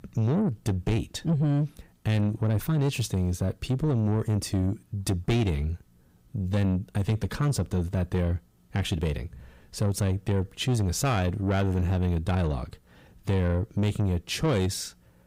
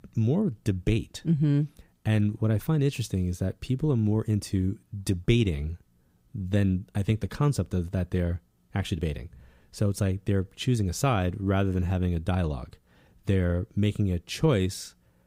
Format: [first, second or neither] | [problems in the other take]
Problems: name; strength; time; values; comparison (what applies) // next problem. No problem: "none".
second | distortion; slight; 10 dB below the speech